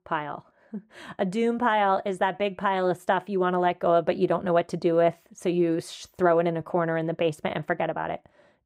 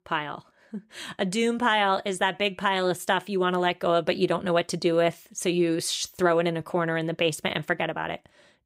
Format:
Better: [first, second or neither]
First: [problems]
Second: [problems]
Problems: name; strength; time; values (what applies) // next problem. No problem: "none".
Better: second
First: muffled; slightly; fading above 2 kHz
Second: none